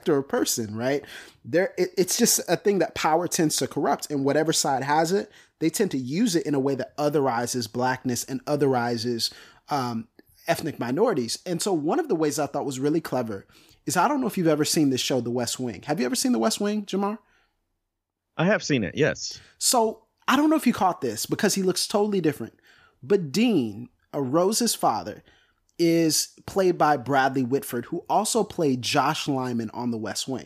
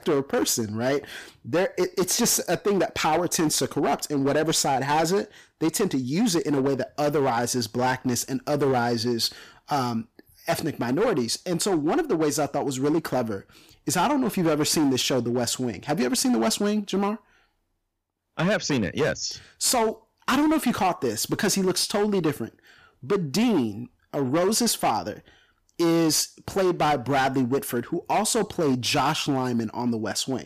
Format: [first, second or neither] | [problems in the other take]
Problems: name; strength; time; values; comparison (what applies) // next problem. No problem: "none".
first | distortion; slight; 12% of the sound clipped